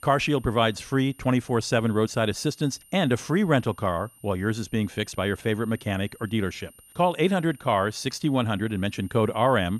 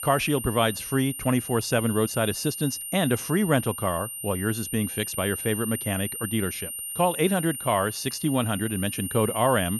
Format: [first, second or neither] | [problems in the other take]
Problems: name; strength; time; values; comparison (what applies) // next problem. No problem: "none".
first | high-pitched whine; loud; throughout; 9 kHz, 6 dB below the speech; faint in the first